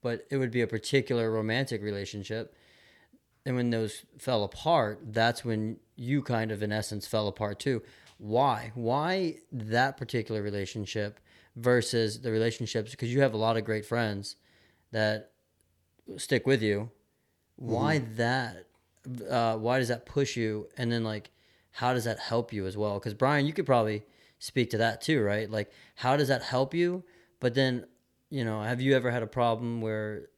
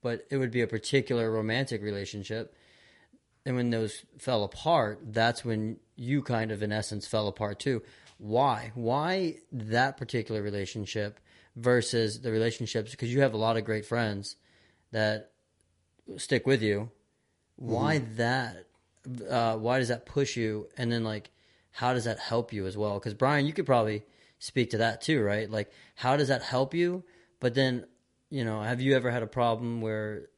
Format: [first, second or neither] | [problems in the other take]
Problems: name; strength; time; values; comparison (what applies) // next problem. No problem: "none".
first | garbled, watery; slightly; nothing above 11 kHz